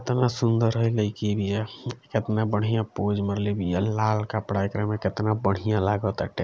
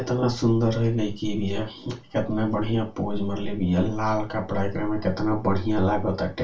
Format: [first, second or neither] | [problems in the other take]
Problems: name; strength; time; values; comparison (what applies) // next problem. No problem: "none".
first | room echo; dies away in 0.2 s